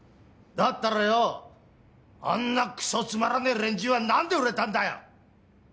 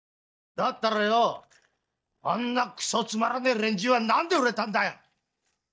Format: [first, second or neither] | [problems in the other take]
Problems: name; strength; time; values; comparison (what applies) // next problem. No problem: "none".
first | noise reduction (neural mask model DeepFilterNet 3)